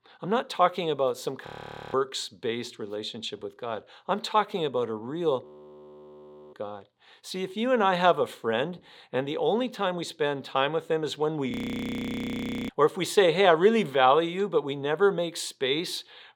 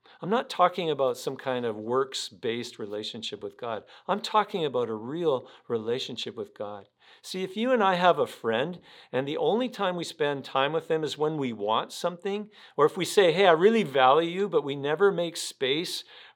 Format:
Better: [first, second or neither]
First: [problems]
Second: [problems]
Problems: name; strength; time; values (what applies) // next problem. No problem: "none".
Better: second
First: audio freezing; at 1.5 s, at 5.5 s for 1 s and at 12 s for 1 s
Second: none